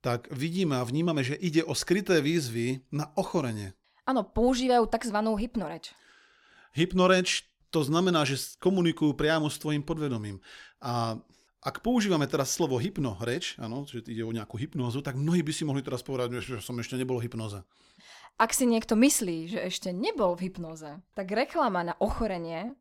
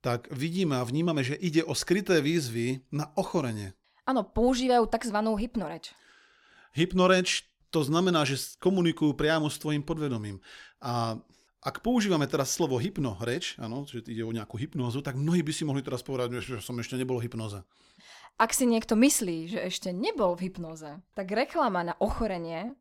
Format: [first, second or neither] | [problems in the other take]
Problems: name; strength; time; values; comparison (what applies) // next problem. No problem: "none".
neither | none